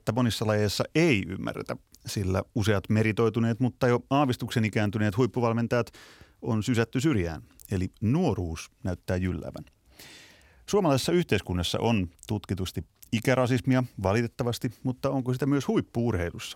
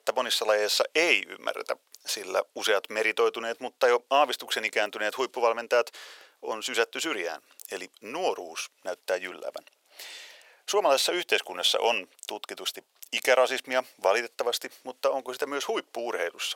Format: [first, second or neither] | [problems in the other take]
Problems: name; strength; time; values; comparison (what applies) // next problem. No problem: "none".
first | thin; very; fading below 500 Hz